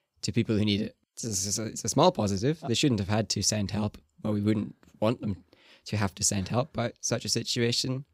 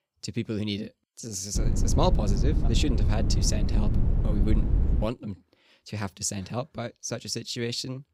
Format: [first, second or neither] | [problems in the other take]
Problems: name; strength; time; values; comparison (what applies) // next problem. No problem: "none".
first | wind noise on the microphone; heavy; from 1.5 to 5 s; 7 dB below the speech